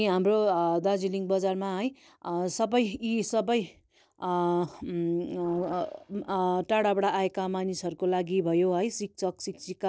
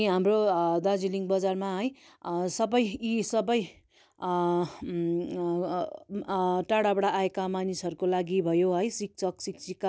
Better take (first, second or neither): second